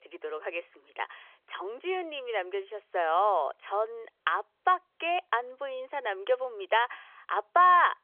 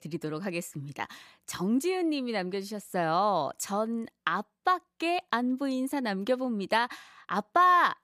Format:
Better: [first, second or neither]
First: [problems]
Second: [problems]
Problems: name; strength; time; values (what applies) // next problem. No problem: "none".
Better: second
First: phone-call audio; nothing above 3.5 kHz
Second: none